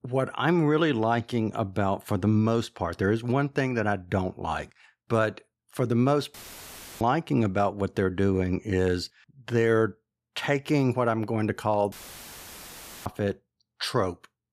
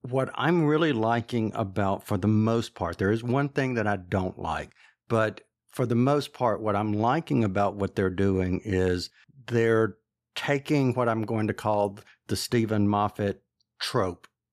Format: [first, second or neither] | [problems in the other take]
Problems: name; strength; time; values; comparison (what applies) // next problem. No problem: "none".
second | audio cutting out; filled with static; at 6.5 s for 0.5 s and at 12 s for 1 s